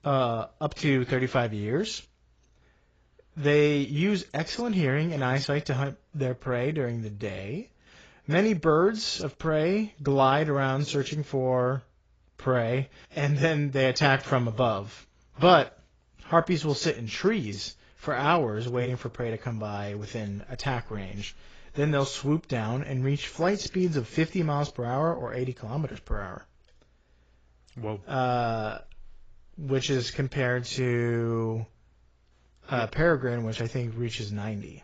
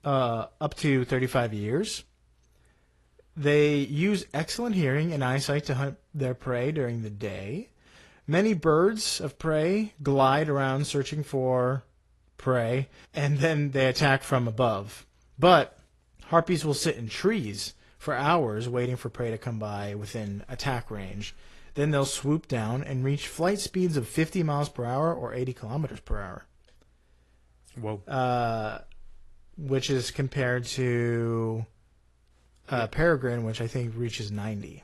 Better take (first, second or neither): second